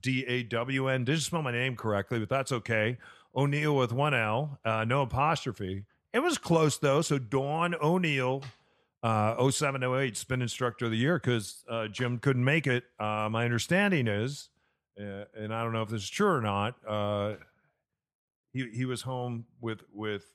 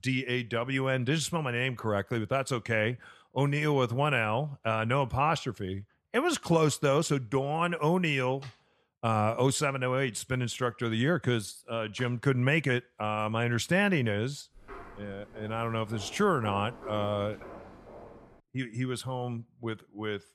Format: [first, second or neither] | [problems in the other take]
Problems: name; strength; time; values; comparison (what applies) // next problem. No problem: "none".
first | footsteps; faint; from 15 to 18 s; peak 15 dB below the speech